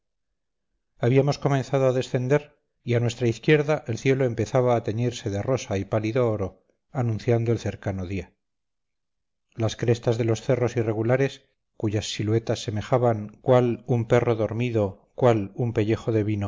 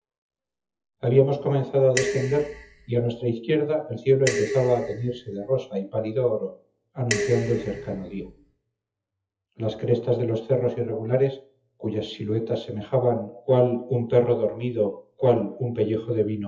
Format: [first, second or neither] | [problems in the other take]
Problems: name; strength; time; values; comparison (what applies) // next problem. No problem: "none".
first | noise reduction (classical method WPE with log-MMSE)